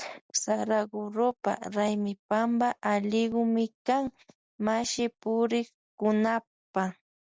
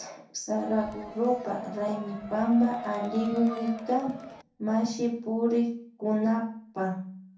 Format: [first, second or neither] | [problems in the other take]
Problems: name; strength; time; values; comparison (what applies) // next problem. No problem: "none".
first | background sound (Crowd); 13 dB below the speech // room echo; dies away in 0.5 s